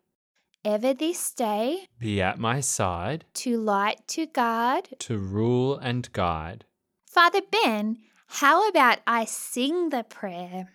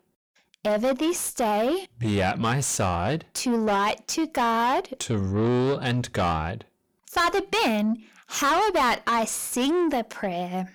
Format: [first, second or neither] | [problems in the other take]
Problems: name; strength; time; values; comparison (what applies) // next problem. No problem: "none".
first | distortion; heavy; 6 dB below the speech